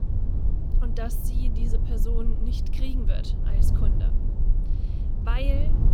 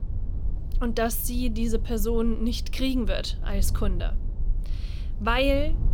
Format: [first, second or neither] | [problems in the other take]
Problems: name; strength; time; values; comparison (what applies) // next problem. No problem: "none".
second | low rumble; loud; throughout; 4 dB below the speech; faint in the second